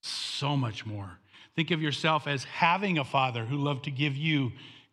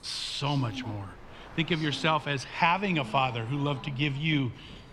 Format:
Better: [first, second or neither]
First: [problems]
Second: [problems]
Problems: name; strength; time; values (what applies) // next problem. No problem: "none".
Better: first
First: none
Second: train or aircraft noise; noticeable; throughout; 15 dB below the speech